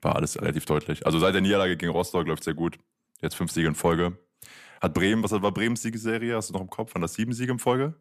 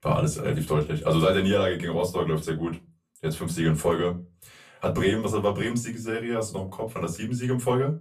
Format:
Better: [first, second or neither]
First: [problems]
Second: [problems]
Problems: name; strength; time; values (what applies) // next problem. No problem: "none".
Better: first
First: none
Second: off-mic speech; far // room echo; very slight; dies away in 0.2 s